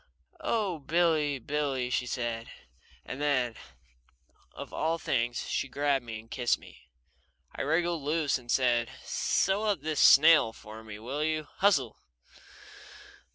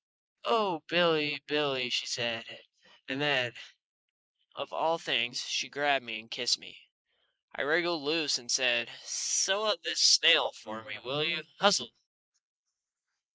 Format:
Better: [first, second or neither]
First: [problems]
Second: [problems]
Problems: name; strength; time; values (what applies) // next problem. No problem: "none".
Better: first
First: none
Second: noise reduction (neural mask model Resemble Enhance denoiser)